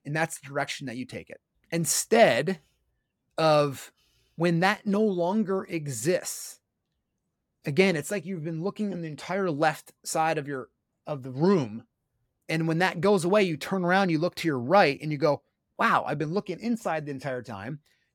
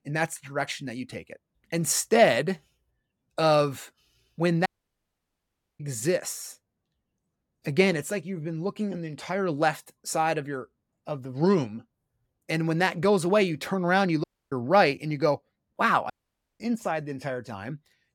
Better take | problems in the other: first | audio cutting out; at 4.5 s for 1 s, at 14 s and at 16 s for 0.5 s

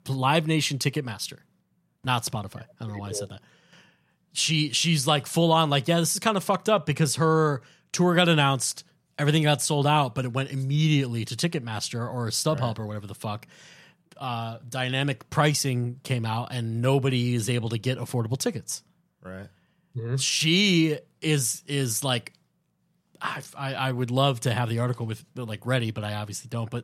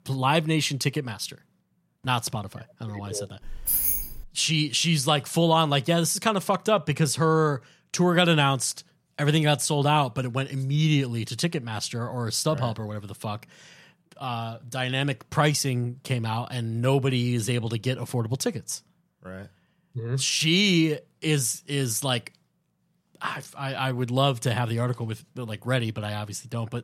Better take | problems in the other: first | jangling keys; loud; at 3.5 s; peak 4 dB above the speech

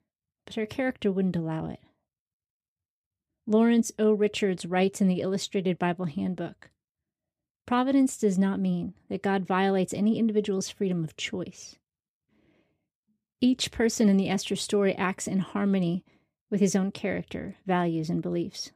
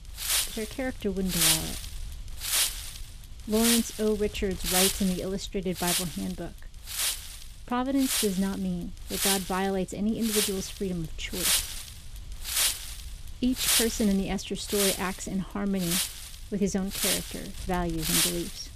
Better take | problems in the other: first | wind noise on the microphone; heavy; 4 dB above the speech

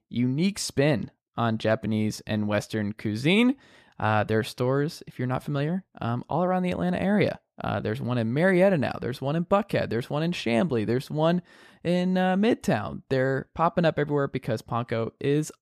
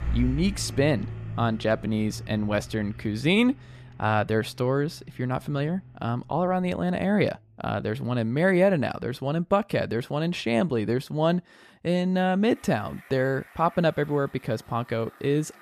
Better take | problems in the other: first | traffic noise; noticeable; throughout; 15 dB below the speech

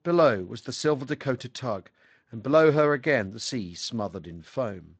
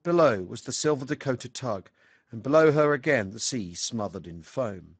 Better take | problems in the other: first | garbled, watery; badly; nothing above 7.5 kHz; slightly in the first

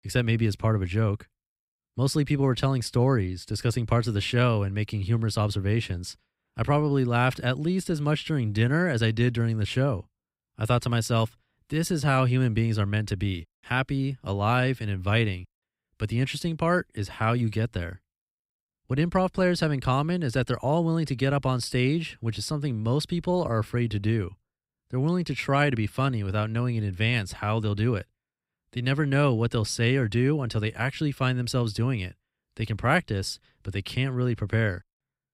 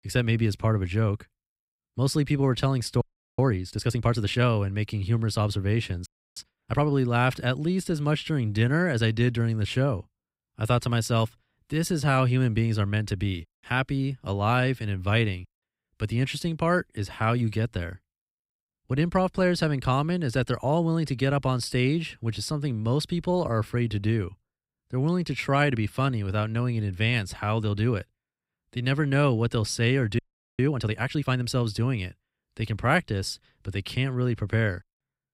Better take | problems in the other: first | audio freezing; at 3 s, at 6 s and at 30 s

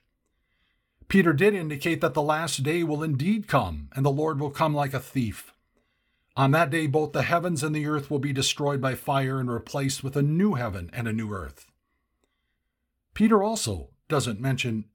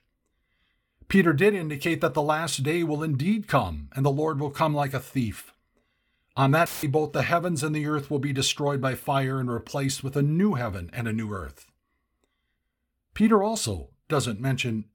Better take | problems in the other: first | audio cutting out; filled with static; at 6.5 s

